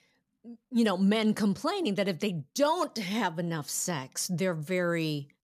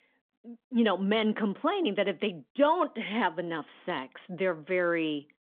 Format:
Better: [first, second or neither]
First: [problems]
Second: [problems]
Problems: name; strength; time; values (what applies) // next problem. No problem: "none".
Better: first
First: none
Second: phone-call audio